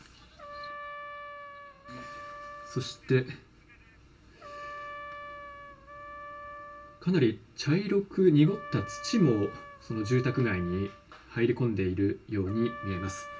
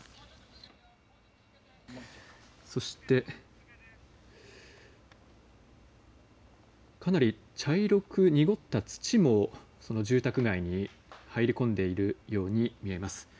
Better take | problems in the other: second | background sound (Trumpet); 14 dB below the speech // room echo; dies away in 0.2 s

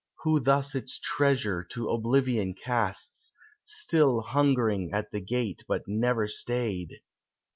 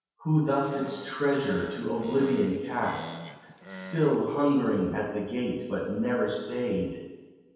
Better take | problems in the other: first | background sound (Animal); 15 dB below the speech // room echo; dies away in 1.2 s

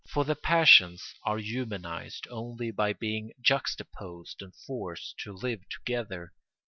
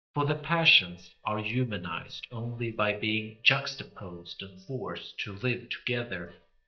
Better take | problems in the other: first | noise reduction (neural mask model DeepFilterNet 3)

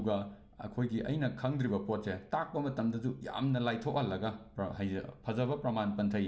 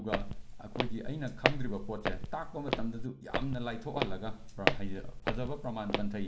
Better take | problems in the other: first | background sound (Walk, footsteps); 4 dB above the speech

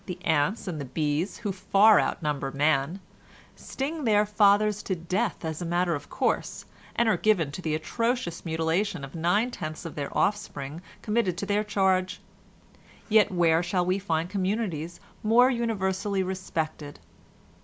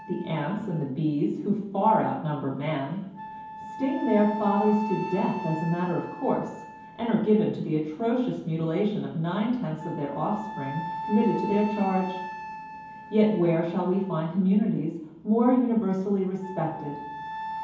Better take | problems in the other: first | background sound (Wind instrument, woodwind instrument); 13 dB below the speech // room echo; dies away in 0.9 s

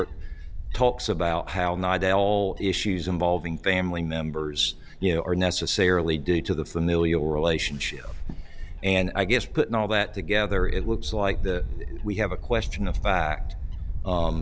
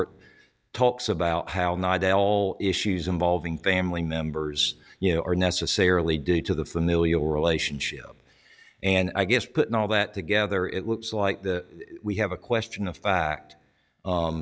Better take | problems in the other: second | background sound (Wind / Bird); 6 dB below the speech

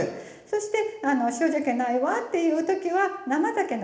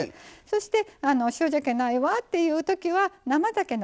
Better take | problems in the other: second | room echo; dies away in 1 s

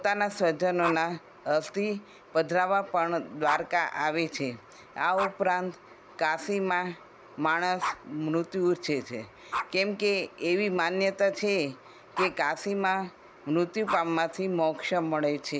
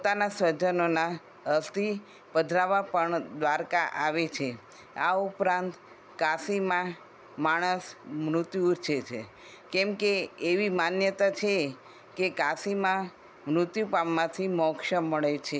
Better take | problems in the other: second | background sound (Dog); 13 dB below the speech

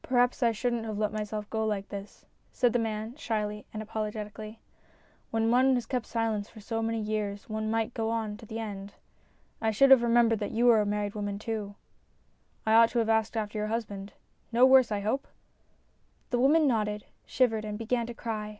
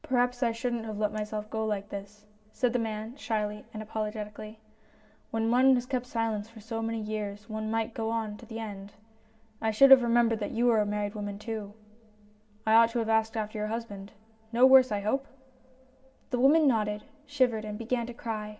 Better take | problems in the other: first | room echo; dies away in 2.2 s

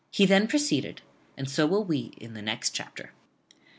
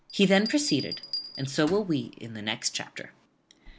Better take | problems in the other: first | background sound (Bell); 13 dB below the speech

